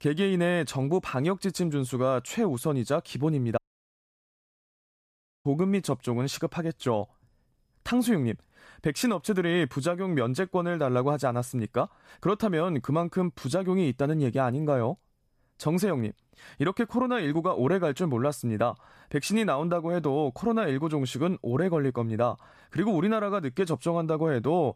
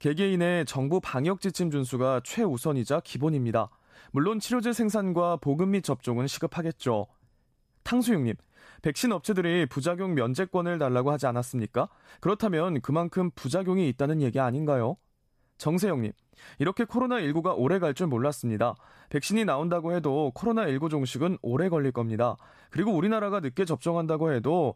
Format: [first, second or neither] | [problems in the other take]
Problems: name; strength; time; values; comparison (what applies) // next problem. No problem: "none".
second | audio cutting out; at 3.5 s for 2 s